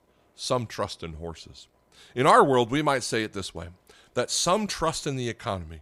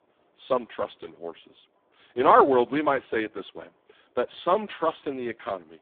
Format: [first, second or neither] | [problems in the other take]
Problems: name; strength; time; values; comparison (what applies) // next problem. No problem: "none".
first | phone-call audio; poor line; nothing above 3.5 kHz